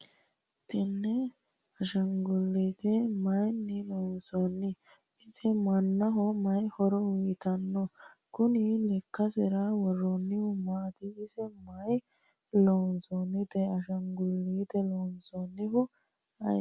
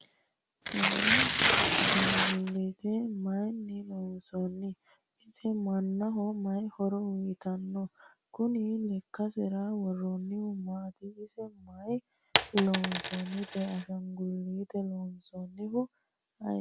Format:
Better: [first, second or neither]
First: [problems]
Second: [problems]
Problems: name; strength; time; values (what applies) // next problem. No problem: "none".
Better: first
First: none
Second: background sound (Coin (dropping) + Tearing); 5 dB above the speech